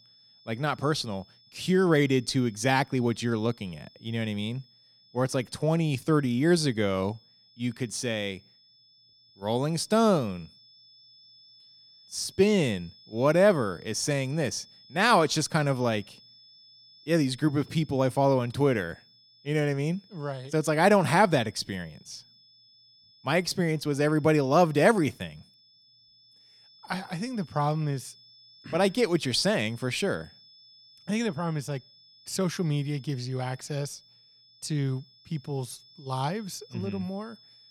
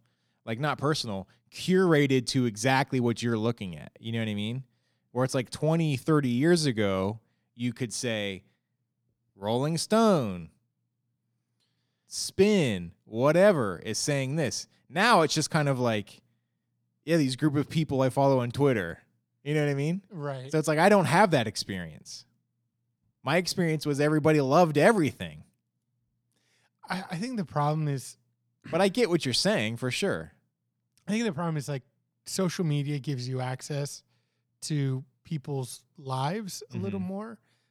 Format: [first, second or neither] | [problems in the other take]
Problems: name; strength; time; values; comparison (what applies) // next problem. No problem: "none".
second | high-pitched whine; faint; throughout; 5 kHz, 25 dB below the speech